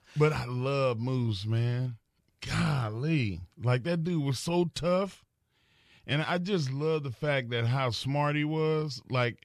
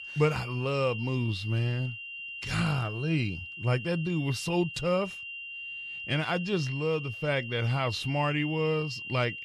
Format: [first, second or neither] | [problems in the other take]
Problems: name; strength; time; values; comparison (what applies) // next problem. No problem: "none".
first | high-pitched whine; loud; throughout; 3 kHz, 8 dB below the speech